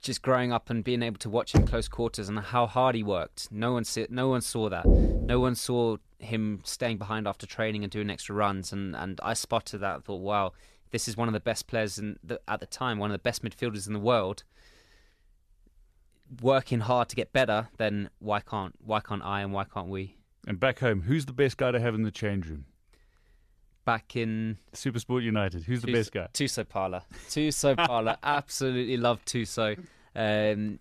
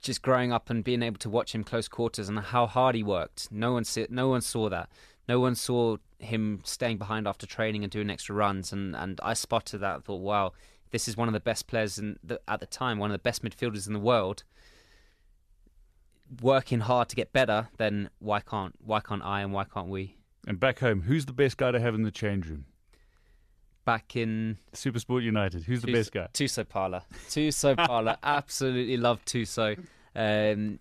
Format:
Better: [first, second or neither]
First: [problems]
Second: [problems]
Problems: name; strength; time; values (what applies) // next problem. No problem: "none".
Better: second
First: door banging; loud; at 1.5 s and at 5 s; peak 6 dB above the speech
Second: none